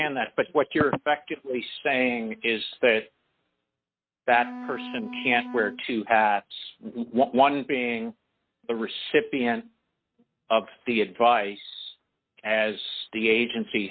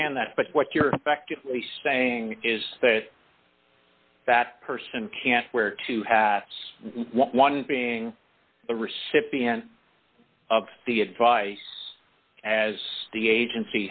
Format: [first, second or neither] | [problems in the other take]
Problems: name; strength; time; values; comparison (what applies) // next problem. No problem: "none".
second | noise reduction (neural mask model RNNoise)